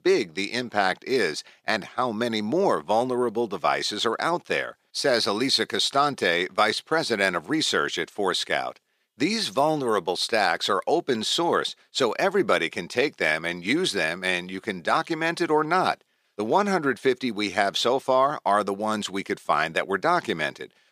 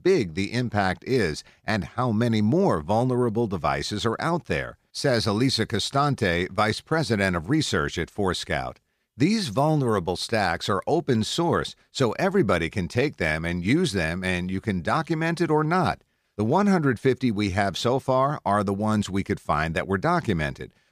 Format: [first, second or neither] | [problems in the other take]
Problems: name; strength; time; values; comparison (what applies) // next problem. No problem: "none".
second | thin; somewhat; fading below 350 Hz